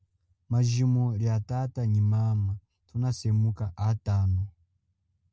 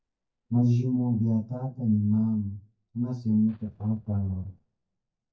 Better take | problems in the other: first | noise reduction (neural mask model DeepFilterNet 3)

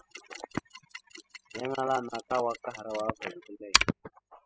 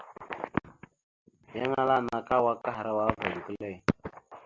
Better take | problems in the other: second | noise reduction (classical method spectral subtraction)

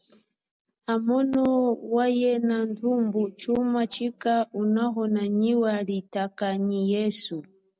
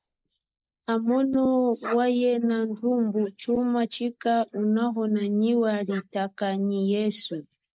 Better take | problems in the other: first | noise reduction (neural mask model Resemble Enhance denoiser)

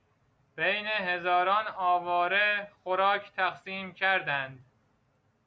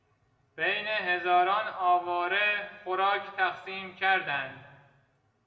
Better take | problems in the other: first | room echo; dies away in 1.1 s

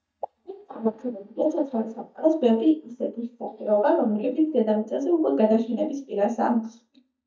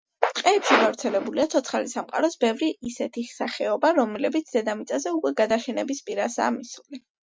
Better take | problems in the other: second | noise reduction (neural mask model DeepFilterNet 3)

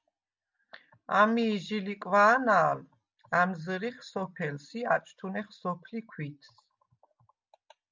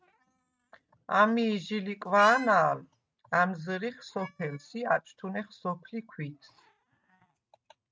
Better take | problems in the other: first | noise reduction (neural mask model RNNoise)

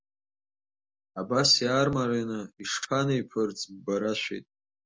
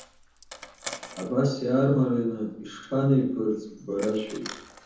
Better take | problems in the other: first | background sound (Coin (dropping)); 18 dB below the speech // room echo; dies away in 0.7 s

